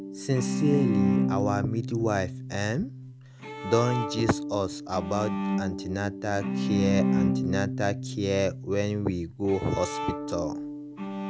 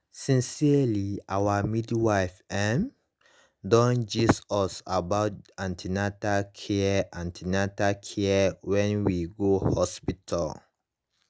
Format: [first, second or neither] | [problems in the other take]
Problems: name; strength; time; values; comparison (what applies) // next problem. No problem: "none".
second | background sound (Bowed string instrument); 1 dB below the speech